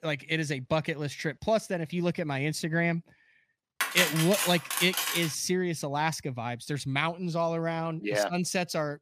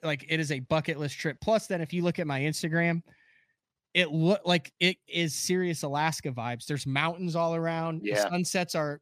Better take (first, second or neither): second